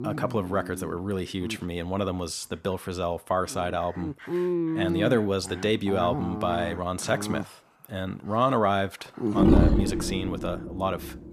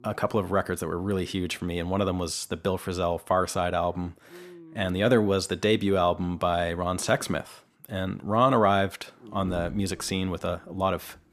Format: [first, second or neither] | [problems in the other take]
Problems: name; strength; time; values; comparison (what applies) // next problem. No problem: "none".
second | animal sounds; loud; throughout; as loud as the speech; faint in the second